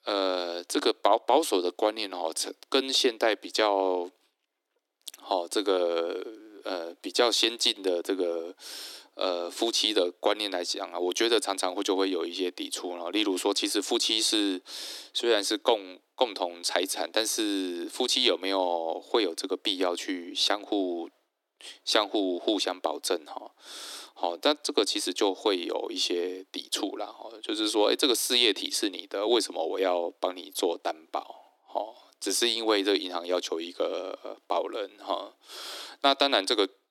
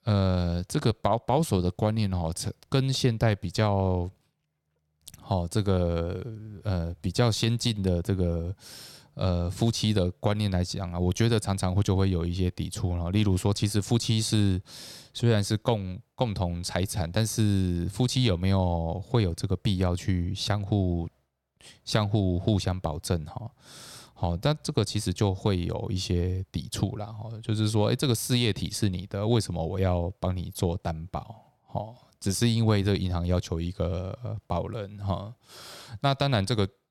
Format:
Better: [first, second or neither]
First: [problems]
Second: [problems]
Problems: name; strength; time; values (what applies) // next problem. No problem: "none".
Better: second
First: thin; very; fading below 300 Hz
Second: none